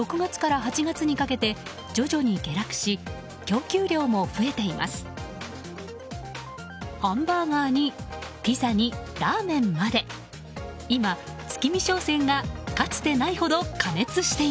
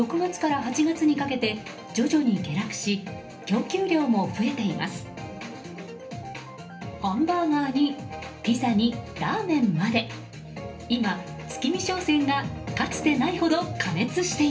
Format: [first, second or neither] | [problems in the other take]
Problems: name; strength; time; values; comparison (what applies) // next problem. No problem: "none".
first | background sound (Brass instrument); 17 dB below the speech // room echo; dies away in 0.3 s